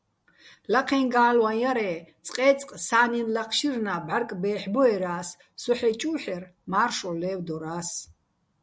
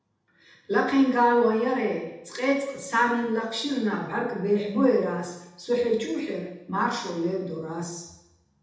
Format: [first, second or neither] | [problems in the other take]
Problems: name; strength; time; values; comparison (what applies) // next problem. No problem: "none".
first | room echo; dies away in 0.8 s